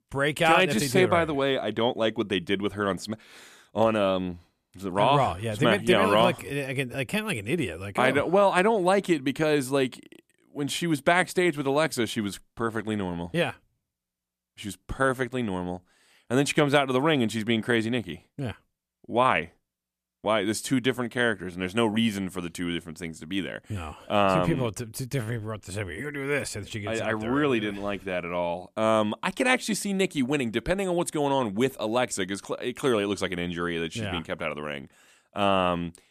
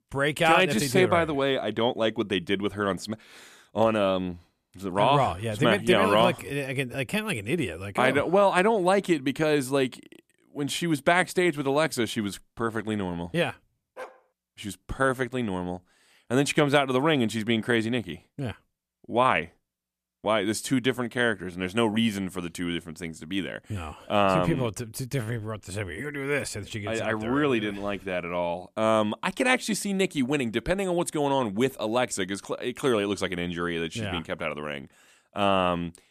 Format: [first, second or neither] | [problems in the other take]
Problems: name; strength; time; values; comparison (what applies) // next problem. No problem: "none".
first | dog barking; faint; at 14 s; peak 15 dB below the speech